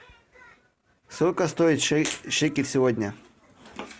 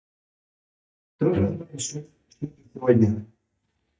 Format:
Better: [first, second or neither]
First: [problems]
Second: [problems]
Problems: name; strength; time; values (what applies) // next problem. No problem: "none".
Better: first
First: none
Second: noise reduction (neural mask model DeepFilterNet 3)